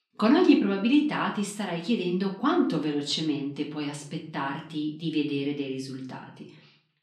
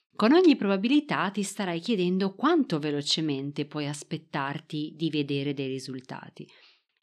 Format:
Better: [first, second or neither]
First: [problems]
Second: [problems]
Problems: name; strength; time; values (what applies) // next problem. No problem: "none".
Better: second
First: room echo; slight; dies away in 0.4 s // off-mic speech; far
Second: none